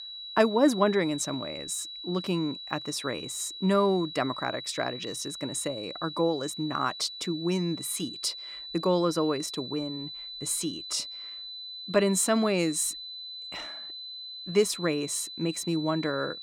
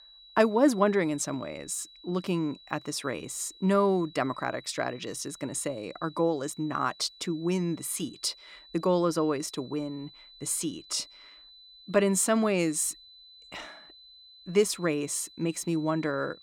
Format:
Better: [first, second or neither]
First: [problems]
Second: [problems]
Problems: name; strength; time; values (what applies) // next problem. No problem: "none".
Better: second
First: high-pitched whine; loud; throughout; 4 kHz, 9 dB below the speech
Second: high-pitched whine; faint; throughout; 4 kHz, 20 dB below the speech